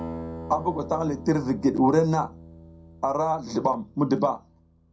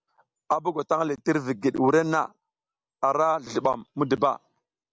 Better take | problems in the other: second | background sound (Acoustic guitar); 15 dB below the speech // room echo; dies away in 0.2 s

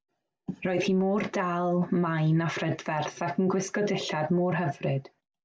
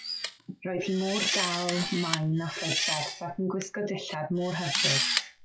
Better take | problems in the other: first | noise reduction (classical method log-MMSE)

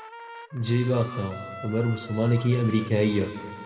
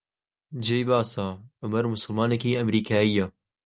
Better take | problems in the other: second | background sound (Trumpet); 16 dB below the speech // room echo; dies away in 1.6 s

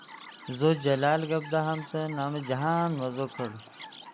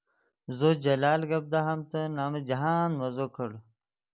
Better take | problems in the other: second | background sound (Chirp, tweet); 17 dB below the speech

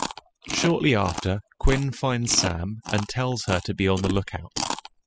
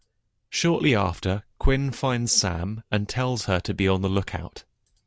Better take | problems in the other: second | noise reduction (classical method spectral subtraction)

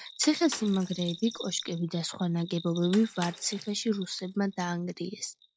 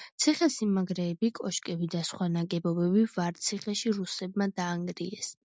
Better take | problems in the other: second | noise reduction (classical method log-MMSE)

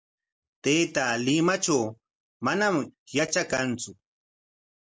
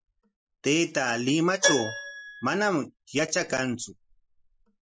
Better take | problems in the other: first | noise reduction (classical method Wiener filter)

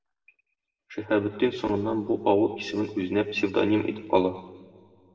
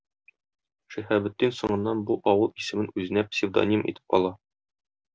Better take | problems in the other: second | room echo; dies away in 1.6 s

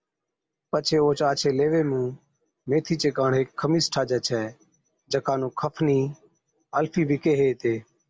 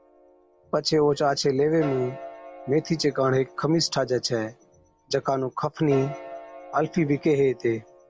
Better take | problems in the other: first | background sound (Piano); 17 dB below the speech

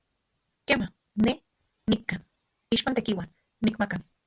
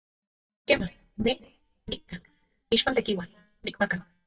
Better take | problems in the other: first | noise reduction (neural mask model DeepFilterNet 3)

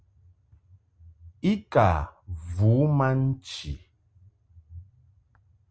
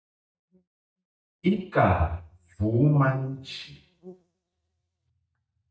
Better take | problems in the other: first | noise reduction (neural mask model DeepFilterNet 3)

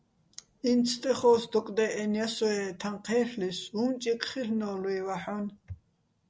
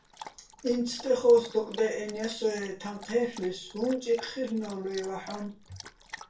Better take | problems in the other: first | background sound (Dog); 19 dB below the speech // room echo; dies away in 0.2 s

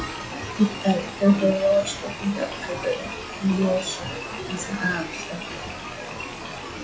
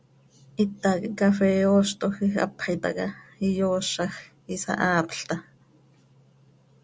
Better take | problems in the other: second | noise reduction (classical method log-MMSE)

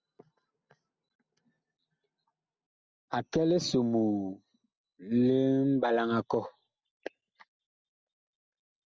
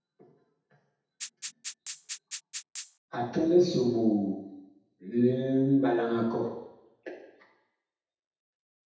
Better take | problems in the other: first | background sound (Rattle (instrument)); 11 dB below the speech // room echo; dies away in 0.8 s

